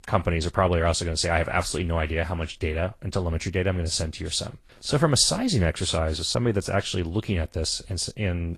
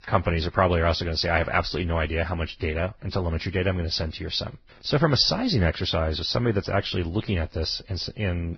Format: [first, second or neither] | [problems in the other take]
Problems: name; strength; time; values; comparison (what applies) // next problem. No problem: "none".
first | garbled, watery; badly; nothing above 5.5 kHz; slightly in the first